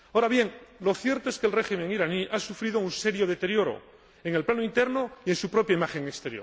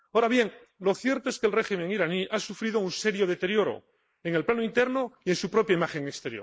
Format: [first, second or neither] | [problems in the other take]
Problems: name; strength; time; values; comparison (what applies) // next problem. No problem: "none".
first | noise reduction (neural mask model Resemble Enhance denoiser)